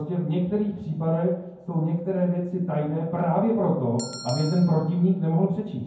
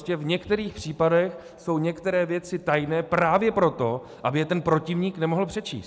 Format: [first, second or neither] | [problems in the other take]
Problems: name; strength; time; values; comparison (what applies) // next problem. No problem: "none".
second | background sound (Bell); 17 dB below the speech // room echo; dies away in 0.9 s